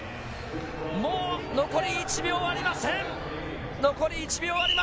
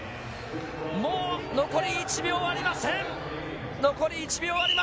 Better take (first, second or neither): second